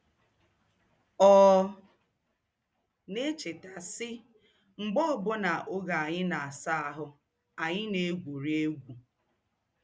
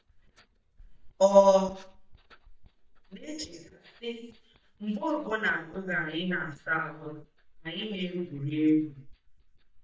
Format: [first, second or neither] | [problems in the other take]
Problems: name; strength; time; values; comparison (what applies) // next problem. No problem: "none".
first | noise reduction (neural mask model DeepFilterNet 3)